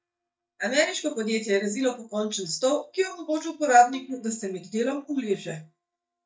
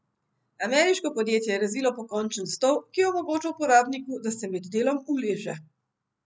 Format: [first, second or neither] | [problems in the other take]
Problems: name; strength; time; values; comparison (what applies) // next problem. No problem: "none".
second | noise reduction (neural mask model DeepFilterNet 3)